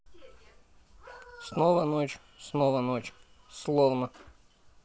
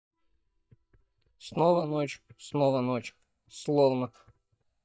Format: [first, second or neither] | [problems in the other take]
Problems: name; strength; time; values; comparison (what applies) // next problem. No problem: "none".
first | noise reduction (neural mask model DeepFilterNet 3)